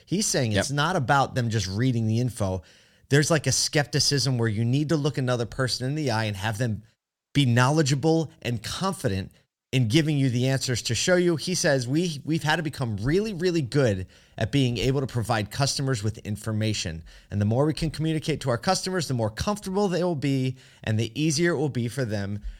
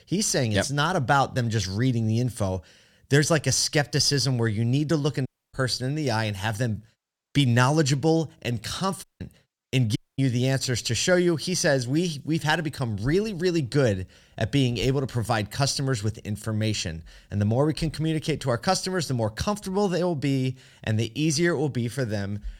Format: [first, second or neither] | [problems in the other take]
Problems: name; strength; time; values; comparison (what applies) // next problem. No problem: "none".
first | audio cutting out; at 5.5 s, at 9 s and at 10 s